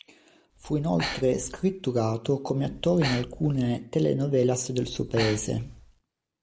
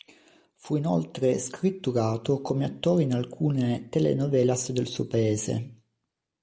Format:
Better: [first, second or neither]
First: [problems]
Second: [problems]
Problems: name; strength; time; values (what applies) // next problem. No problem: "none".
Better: second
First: background sound (Breathing); 11 dB below the speech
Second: none